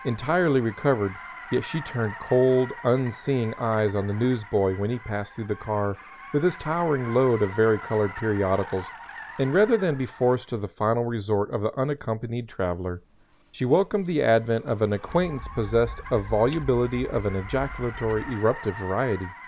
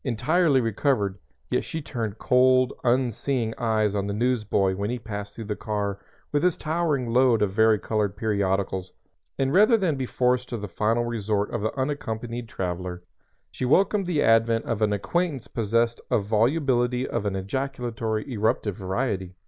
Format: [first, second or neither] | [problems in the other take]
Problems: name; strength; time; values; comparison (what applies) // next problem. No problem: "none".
second | background sound (Car + Scissors); 16 dB below the speech